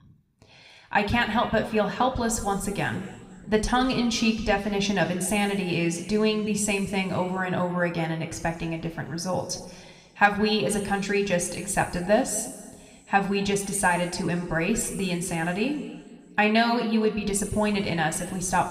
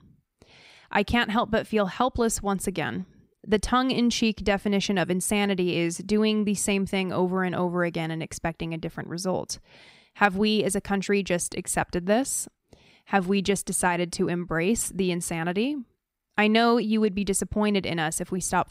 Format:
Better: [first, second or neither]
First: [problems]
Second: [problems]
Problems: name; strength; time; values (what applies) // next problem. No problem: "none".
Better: second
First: room echo; slight; dies away in 1.3 s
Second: none